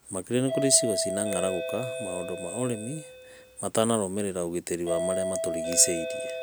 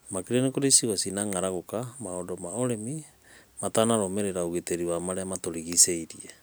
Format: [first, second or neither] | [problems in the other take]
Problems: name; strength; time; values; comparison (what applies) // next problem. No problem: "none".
second | background sound (Doorbell); 5 dB below the speech